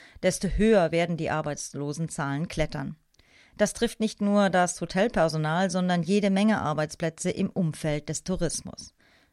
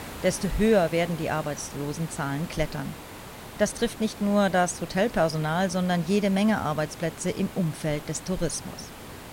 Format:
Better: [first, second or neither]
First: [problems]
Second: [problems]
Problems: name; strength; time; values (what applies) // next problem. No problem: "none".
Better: first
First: none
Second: hiss; noticeable; throughout; 15 dB below the speech